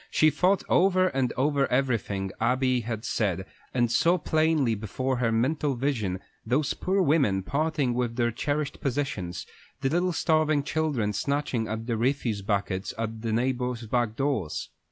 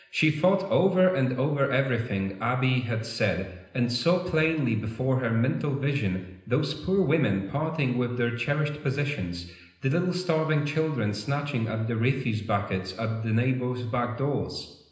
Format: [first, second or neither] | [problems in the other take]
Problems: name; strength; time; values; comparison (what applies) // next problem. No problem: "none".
first | room echo; dies away in 0.9 s